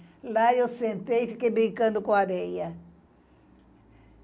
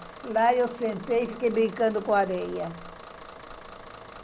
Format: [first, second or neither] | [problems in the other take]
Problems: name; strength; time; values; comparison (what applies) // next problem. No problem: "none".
first | background sound (Bus / Engine); 16 dB below the speech